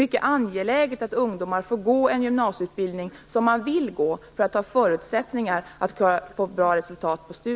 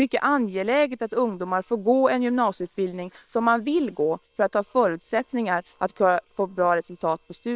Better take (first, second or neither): first